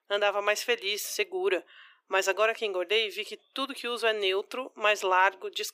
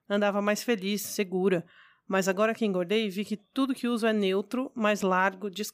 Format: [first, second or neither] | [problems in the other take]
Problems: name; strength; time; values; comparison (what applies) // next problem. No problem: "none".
second | thin; very; fading below 350 Hz